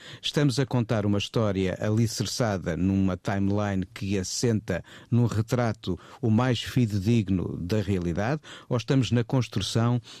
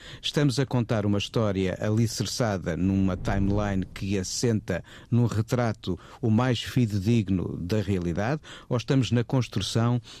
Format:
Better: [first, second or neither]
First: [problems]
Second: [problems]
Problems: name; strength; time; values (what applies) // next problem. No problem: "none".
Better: first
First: none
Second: wind noise on the microphone; occasional gusts; 25 dB below the speech